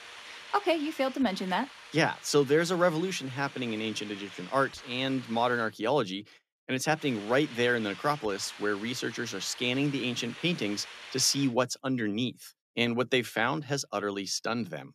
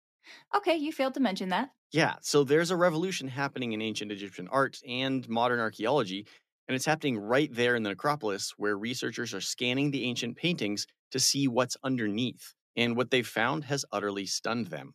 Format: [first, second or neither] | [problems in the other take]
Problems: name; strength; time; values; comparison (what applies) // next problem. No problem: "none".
second | hiss; noticeable; until 5.5 s and from 7 to 11 s; 15 dB below the speech